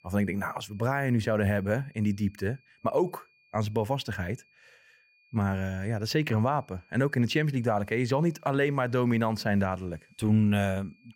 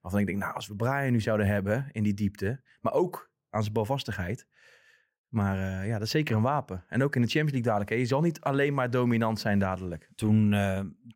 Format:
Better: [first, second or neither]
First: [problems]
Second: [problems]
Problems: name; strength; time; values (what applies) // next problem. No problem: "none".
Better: second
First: high-pitched whine; faint; throughout; 2.5 kHz, 35 dB below the speech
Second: none